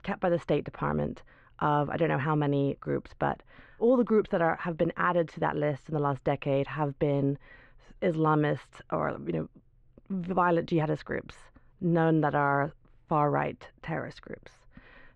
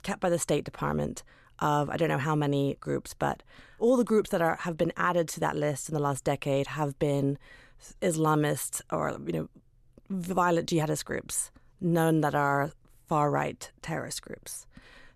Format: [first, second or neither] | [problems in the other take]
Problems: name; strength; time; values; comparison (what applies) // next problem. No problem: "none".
second | muffled; very; fading above 2.5 kHz